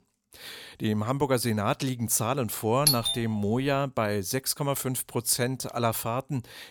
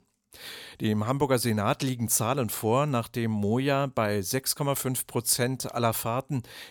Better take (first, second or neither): second